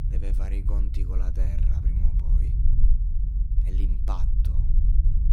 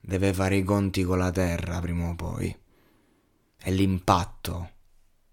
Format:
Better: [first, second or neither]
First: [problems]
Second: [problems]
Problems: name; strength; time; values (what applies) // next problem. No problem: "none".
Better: second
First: low rumble; loud; throughout; 1 dB below the speech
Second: none